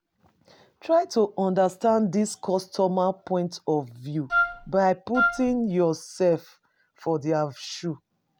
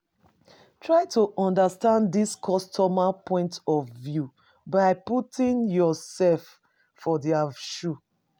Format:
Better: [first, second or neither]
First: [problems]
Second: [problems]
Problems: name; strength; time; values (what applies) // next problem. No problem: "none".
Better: second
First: background sound (Wind instrument, woodwind instrument); 1 dB below the speech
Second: none